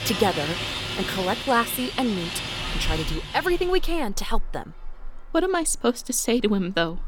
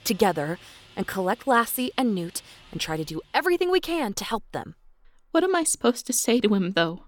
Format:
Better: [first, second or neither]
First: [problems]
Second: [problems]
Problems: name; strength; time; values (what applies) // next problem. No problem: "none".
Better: second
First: traffic noise; loud; throughout; 5 dB below the speech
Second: traffic noise; faint; throughout; 25 dB below the speech